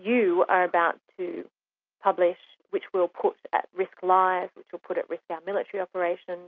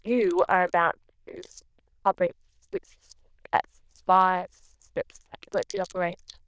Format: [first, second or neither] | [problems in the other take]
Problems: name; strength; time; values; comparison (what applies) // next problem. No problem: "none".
first | noise reduction (neural diffusion model UNIVERSE++)